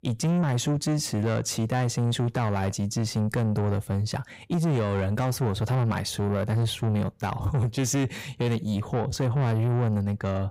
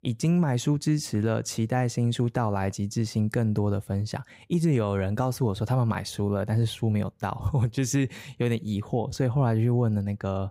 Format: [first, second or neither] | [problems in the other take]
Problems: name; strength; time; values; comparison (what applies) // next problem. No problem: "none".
second | distortion; slight; 10 dB below the speech